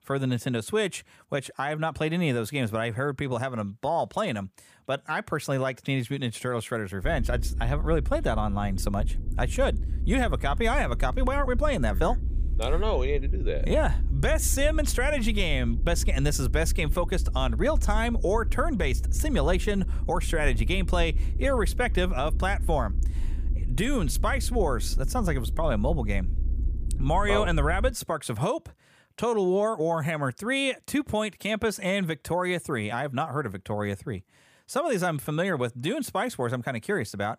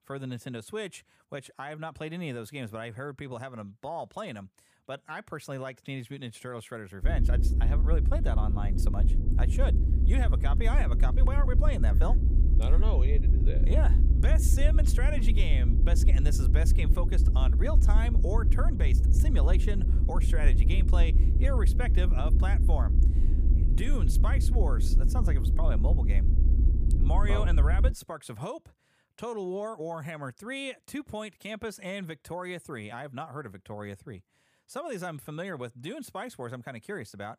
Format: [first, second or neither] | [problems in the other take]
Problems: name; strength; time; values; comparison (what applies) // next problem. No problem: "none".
first | low rumble; loud; from 7 to 28 s; 6 dB below the speech; faint in the first